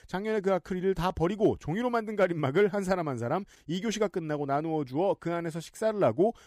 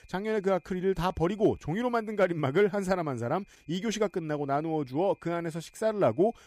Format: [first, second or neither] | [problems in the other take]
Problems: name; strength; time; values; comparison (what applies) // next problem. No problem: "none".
first | high-pitched whine; faint; throughout; 2.5 kHz, 35 dB below the speech